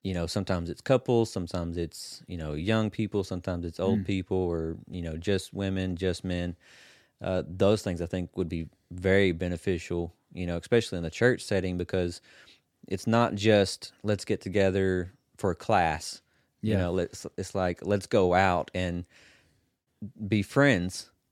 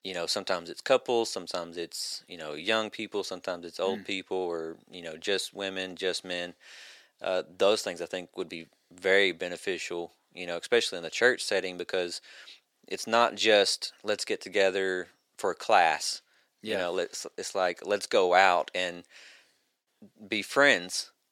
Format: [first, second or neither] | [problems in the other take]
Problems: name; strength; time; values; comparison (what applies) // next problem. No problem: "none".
first | thin; somewhat; fading below 500 Hz